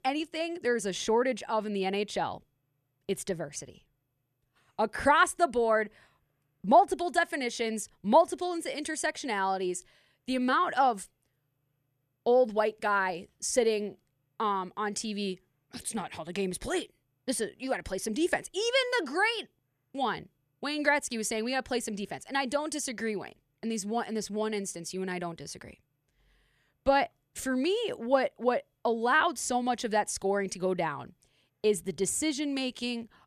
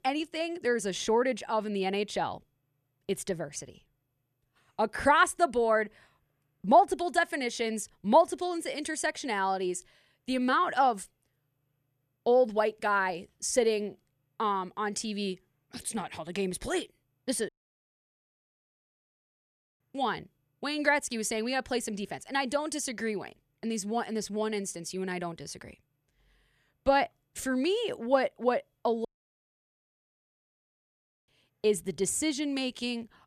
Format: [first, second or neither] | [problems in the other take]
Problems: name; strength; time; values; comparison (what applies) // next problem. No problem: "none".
first | audio cutting out; at 17 s for 2.5 s and at 29 s for 2 s